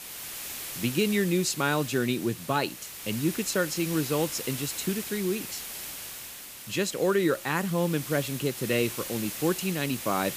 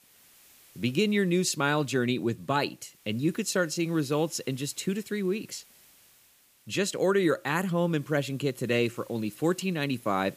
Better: second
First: hiss; loud; throughout; 8 dB below the speech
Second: hiss; faint; throughout; 25 dB below the speech

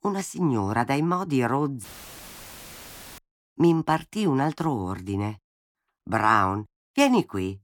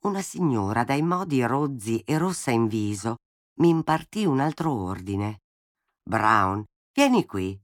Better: second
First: audio cutting out; filled with static; at 2 s for 1.5 s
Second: none

